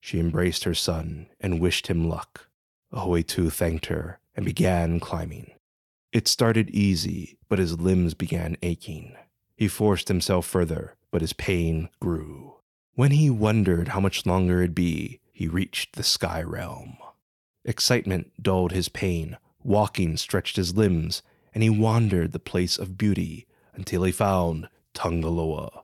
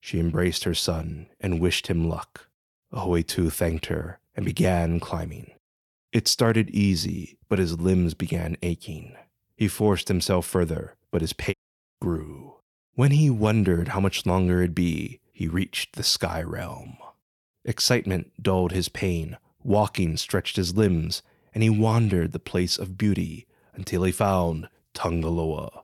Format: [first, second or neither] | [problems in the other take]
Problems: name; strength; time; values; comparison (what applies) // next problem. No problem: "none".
first | audio cutting out; at 12 s